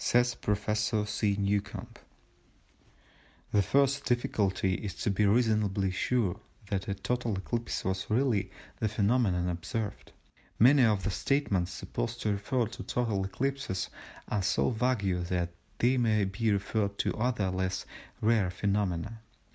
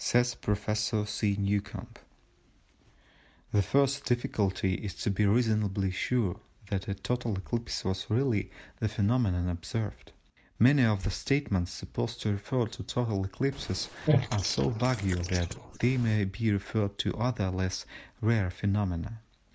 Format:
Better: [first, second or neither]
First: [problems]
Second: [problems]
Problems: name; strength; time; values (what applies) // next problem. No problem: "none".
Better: first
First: none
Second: noise reduction (neural mask model Resemble Enhance denoiser)